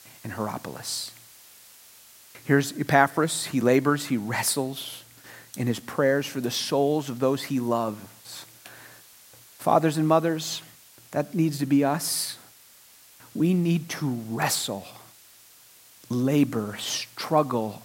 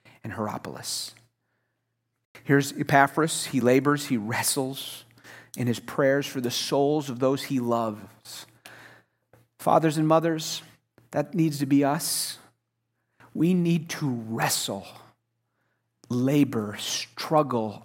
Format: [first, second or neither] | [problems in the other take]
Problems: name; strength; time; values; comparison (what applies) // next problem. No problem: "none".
second | hiss; faint; throughout; 25 dB below the speech